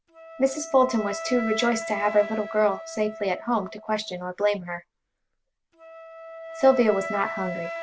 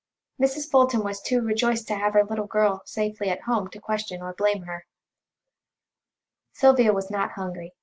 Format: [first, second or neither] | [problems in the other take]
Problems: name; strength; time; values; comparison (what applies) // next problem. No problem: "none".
second | background sound (Wind instrument, woodwind instrument); 11 dB below the speech